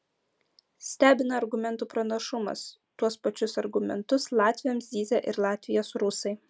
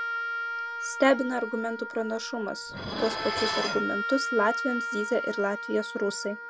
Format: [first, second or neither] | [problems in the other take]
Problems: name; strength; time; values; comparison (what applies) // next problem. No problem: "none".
first | background sound (Dishes, pots, and pans + Wind instrument, woodwind instrument); 4 dB below the speech